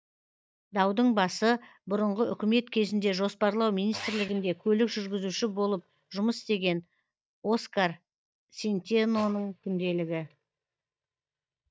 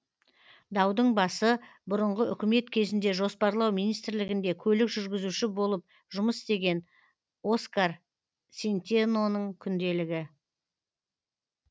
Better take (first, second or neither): second